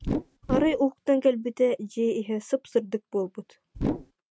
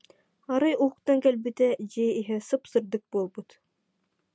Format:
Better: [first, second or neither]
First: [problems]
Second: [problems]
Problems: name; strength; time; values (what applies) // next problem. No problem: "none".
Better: second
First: noise reduction (neural mask model RNNoise)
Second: none